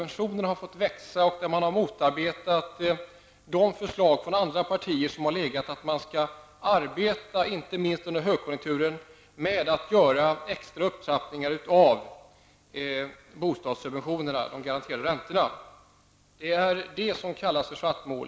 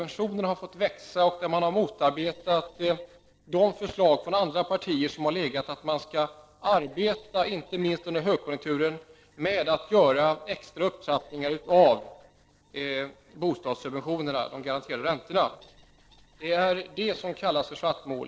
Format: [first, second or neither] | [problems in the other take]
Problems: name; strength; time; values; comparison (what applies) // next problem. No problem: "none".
first | noise reduction (neural separator model SepFormer DNS4)